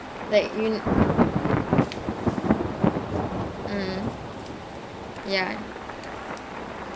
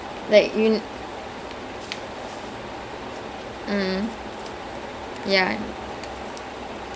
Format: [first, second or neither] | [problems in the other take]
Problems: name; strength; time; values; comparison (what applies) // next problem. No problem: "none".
second | background sound (Thunder); 4 dB above the speech